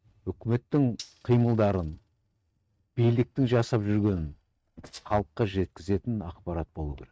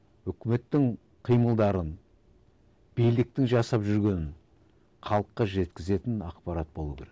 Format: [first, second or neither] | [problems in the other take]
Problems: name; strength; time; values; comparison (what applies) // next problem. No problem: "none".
second | noise reduction (neural mask model RNNoise)